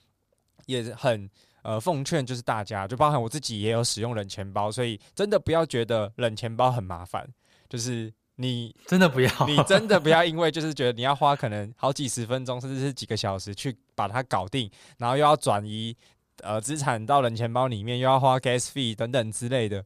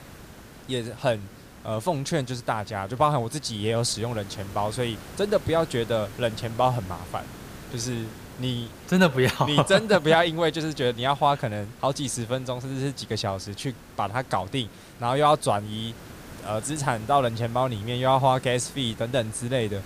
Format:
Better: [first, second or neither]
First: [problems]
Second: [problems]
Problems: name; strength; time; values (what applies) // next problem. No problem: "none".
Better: first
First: none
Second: hiss; noticeable; throughout; 20 dB below the speech